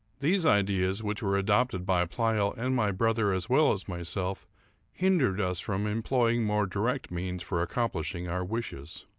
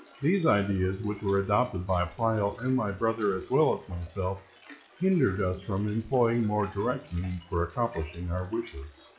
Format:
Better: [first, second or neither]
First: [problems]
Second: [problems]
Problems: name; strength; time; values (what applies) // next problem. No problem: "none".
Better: first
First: none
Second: noise reduction (classical method WPE with log-MMSE)